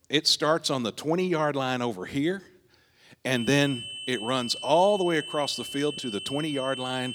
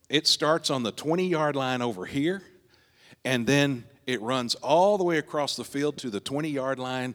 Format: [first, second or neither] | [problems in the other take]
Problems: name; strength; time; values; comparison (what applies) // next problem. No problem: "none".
second | high-pitched whine; loud; from 3.5 s on; 3 kHz, 9 dB below the speech